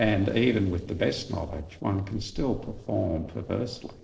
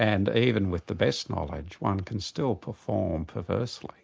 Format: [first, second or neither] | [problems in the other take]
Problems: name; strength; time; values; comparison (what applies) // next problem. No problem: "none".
second | noise reduction (neural separator model SepFormer DNS4)